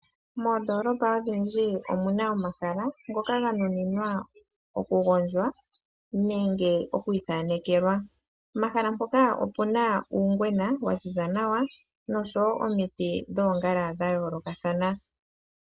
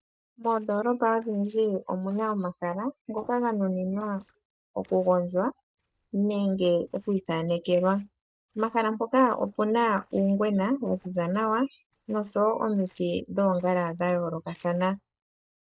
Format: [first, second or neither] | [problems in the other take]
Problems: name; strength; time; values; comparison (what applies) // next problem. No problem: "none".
first | noise reduction (neural mask model DeepFilterNet 3)